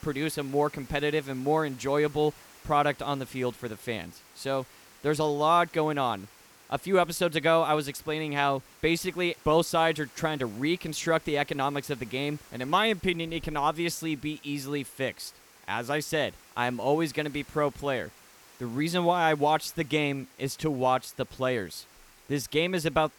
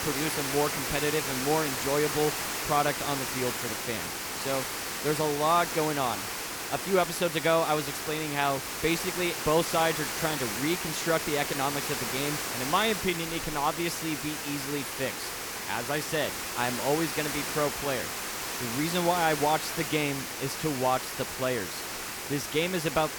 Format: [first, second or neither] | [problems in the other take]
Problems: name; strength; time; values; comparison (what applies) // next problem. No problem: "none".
first | hiss; loud; throughout; 2 dB below the speech; faint in the first